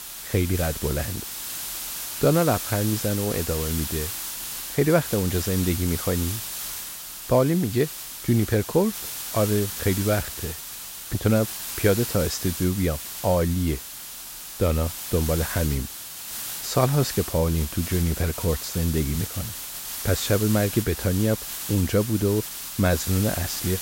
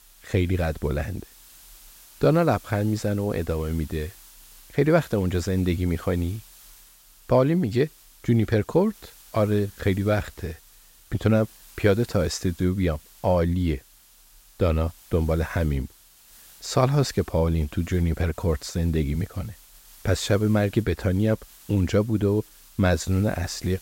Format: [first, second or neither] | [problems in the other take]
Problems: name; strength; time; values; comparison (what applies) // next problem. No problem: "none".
second | hiss; loud; throughout; 6 dB below the speech; faint in the second